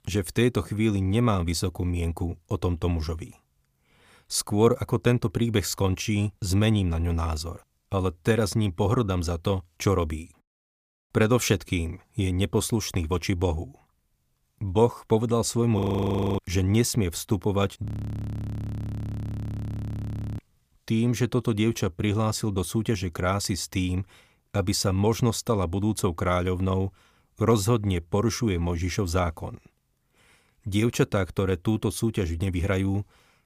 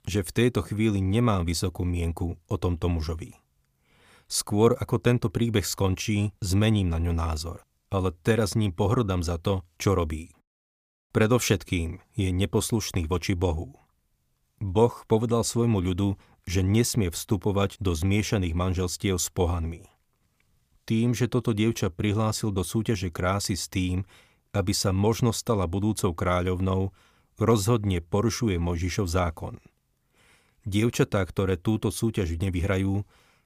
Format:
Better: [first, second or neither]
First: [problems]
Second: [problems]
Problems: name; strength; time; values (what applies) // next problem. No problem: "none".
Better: second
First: audio freezing; at 16 s for 0.5 s and at 18 s for 2.5 s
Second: none